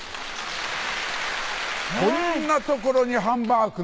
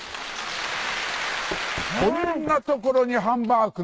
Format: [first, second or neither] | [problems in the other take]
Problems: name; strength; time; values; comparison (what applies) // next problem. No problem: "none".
first | noise reduction (neural mask model RNNoise)